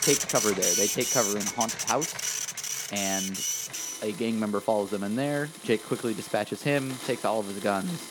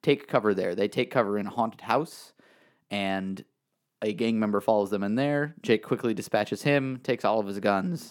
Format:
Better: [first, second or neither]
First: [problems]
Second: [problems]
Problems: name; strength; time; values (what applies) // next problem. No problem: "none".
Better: second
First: household noises; very loud; throughout; 1 dB above the speech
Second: none